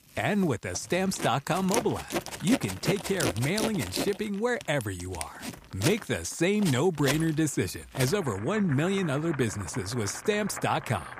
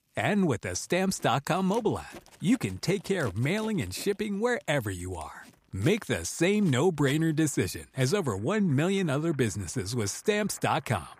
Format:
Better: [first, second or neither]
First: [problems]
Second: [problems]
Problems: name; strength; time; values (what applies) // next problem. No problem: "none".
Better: second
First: household noises; loud; throughout; 7 dB below the speech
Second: household noises; faint; throughout; 25 dB below the speech